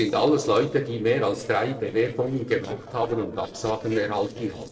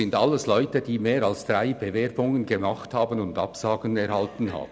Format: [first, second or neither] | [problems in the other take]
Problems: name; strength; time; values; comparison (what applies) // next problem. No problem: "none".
second | noise reduction (neural separator model SepFormer DNS4)